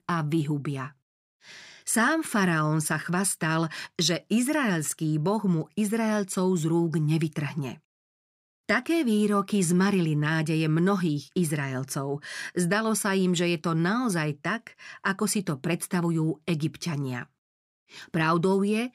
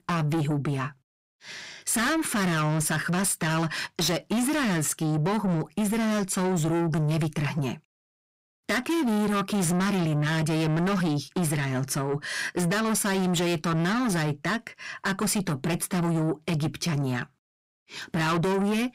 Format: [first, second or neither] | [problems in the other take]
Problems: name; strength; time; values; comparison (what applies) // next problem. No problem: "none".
first | distortion; heavy; 7 dB below the speech